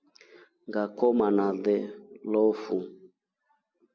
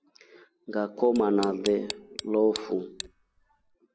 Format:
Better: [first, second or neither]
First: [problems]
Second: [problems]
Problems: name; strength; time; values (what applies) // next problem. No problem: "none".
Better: first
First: none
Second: background sound (Tick); 14 dB below the speech